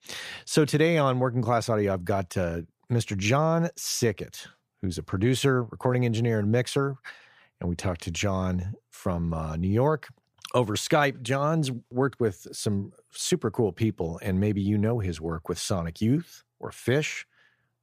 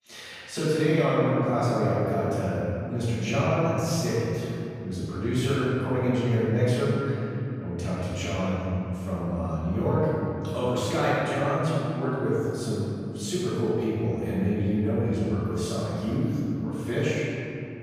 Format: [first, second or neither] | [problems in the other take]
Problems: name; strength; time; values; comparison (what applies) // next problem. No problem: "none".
first | room echo; strong; dies away in 3 s // off-mic speech; far